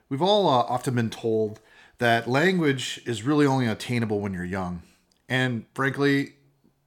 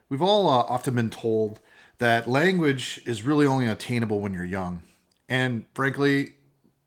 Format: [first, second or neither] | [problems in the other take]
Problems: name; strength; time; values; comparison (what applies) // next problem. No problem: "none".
first | garbled, watery; slightly; nothing above 18.5 kHz